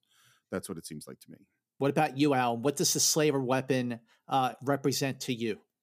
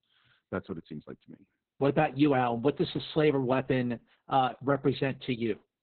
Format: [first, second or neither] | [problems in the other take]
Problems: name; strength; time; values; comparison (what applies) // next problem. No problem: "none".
first | garbled, watery; badly; nothing above 4 kHz